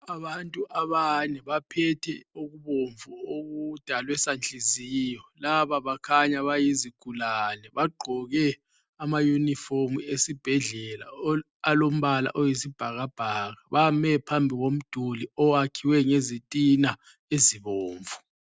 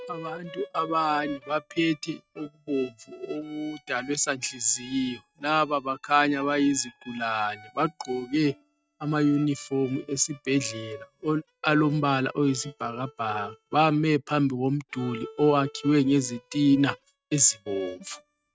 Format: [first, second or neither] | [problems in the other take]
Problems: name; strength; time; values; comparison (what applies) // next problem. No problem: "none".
first | noise reduction (neural mask model RNNoise)